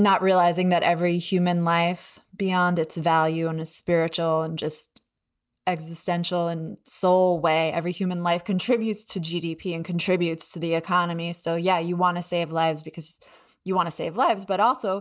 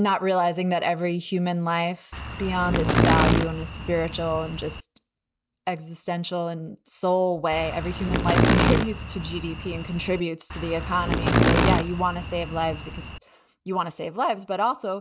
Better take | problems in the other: first | background sound (Insect); 2 dB above the speech

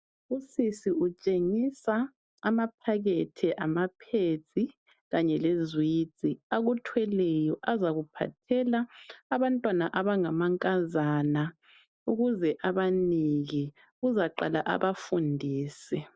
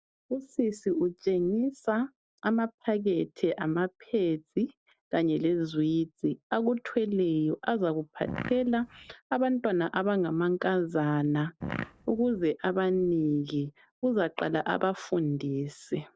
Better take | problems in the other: first | noise reduction (neural separator model SepFormer DNS4)

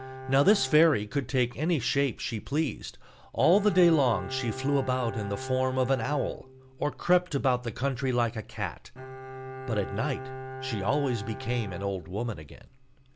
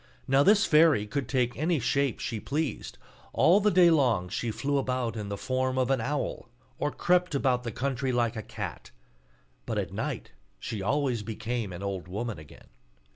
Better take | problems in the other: second | background sound (Bowed string instrument); 13 dB below the speech

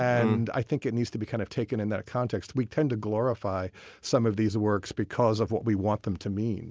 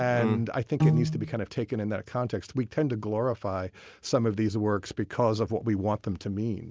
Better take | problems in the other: first | background sound (Piano); 2 dB above the speech

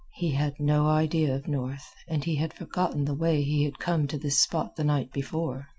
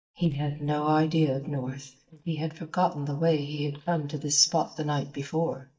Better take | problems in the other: first | noise reduction (neural mask model DeepFilterNet 3)

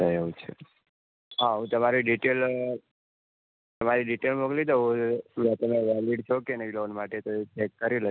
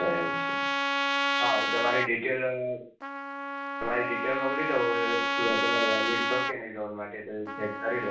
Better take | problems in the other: first | background sound (Trumpet); 1 dB above the speech // room echo; dies away in 0.3 s

